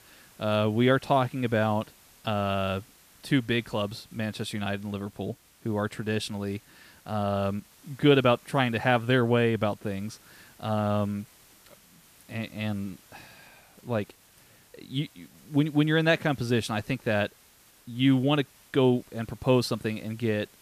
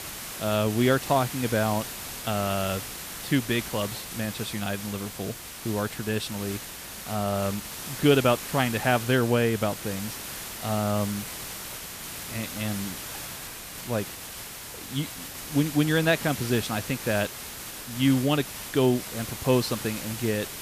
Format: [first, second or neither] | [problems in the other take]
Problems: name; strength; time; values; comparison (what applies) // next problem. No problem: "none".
first | hiss; loud; throughout; 8 dB below the speech; faint in the first